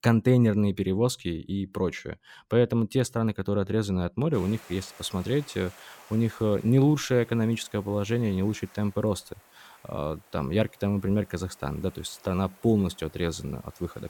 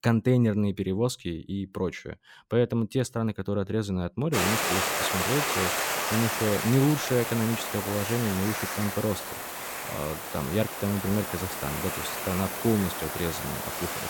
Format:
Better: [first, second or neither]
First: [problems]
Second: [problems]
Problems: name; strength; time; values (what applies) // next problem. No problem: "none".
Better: first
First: hiss; faint; from 4.5 s on; 25 dB below the speech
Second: hiss; loud; from 4.5 s on; 1 dB below the speech